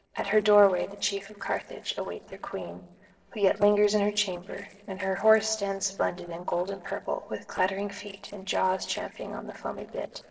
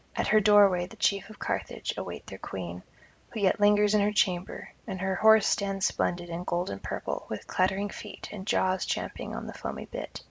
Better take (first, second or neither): second